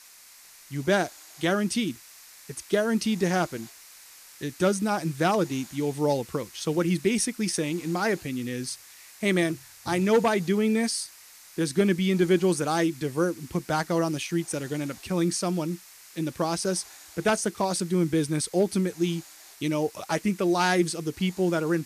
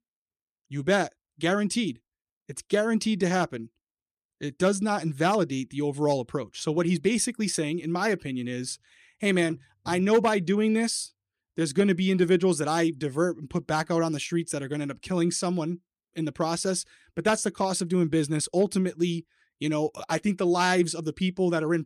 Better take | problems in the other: second | hiss; noticeable; throughout; 20 dB below the speech

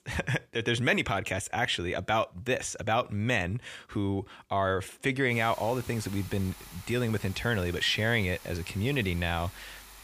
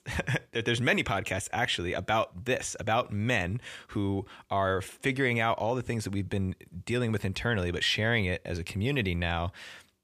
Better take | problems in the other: second | hiss; noticeable; from 5.5 s on; 15 dB below the speech

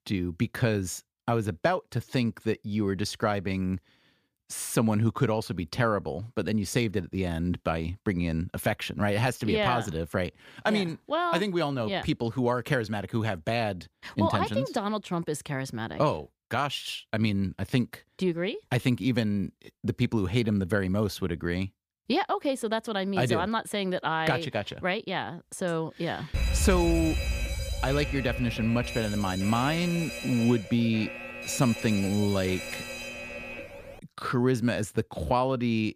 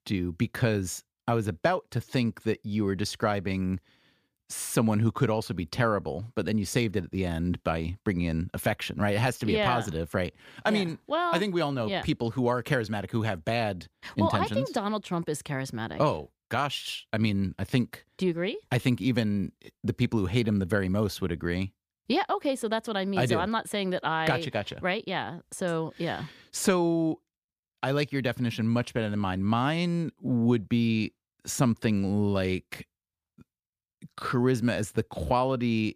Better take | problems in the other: second | alarm; loud; from 26 to 34 s; peak 1 dB above the speech

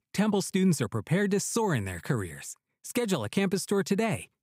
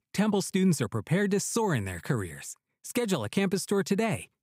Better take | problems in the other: neither | none

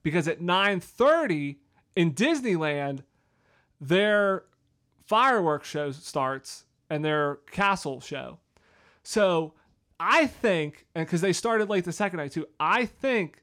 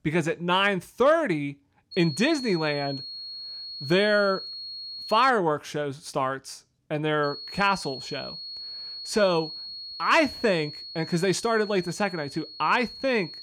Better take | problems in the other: first | high-pitched whine; noticeable; from 2 to 5.5 s and from 7 s on; 4.5 kHz, 10 dB below the speech

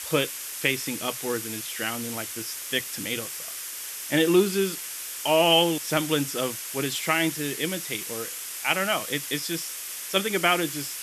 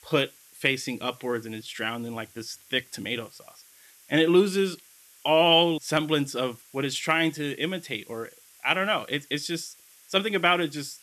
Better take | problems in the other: second | hiss; loud; throughout; 6 dB below the speech; faint in the second

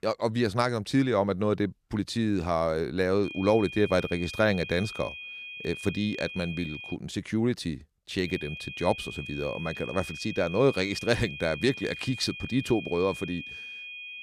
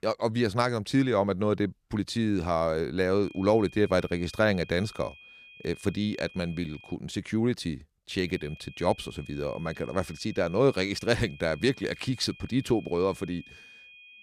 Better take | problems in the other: second | high-pitched whine; loud; from 3.5 to 7 s and from 8.5 s on; 2.5 kHz, 10 dB below the speech; faint in the second

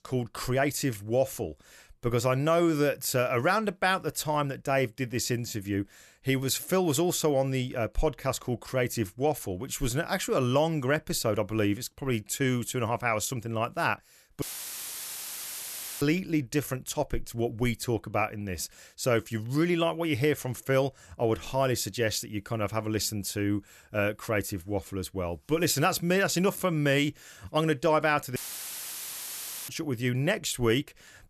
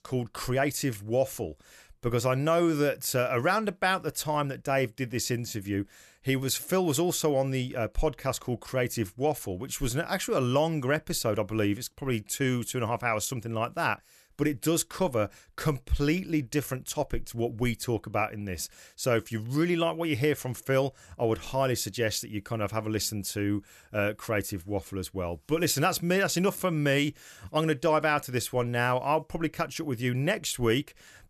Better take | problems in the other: second | audio cutting out; filled with static; at 14 s for 1.5 s and at 28 s for 1.5 s

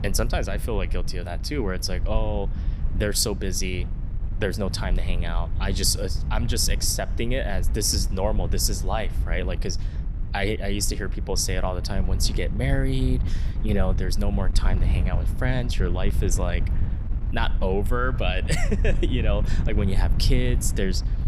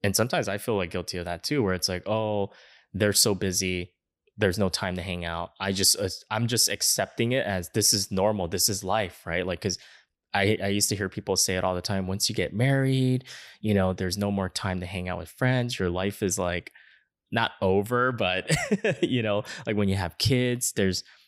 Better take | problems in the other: second | wind noise on the microphone; occasional gusts; 15 dB below the speech

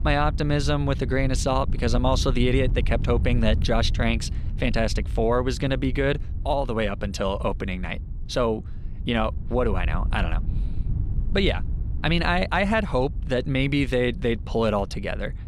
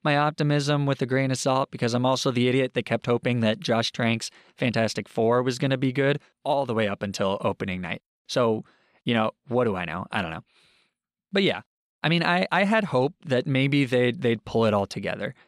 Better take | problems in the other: second | wind noise on the microphone; occasional gusts; 20 dB below the speech

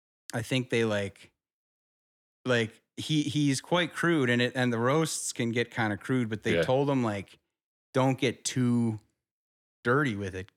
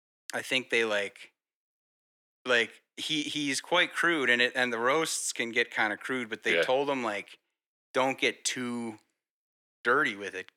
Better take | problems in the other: first | thin; somewhat; fading below 400 Hz

